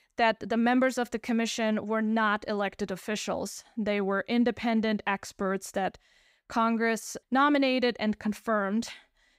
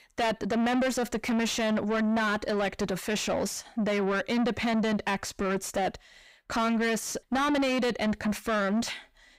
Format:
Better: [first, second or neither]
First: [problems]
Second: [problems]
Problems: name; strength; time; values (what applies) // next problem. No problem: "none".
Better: first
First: none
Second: distortion; heavy; 6 dB below the speech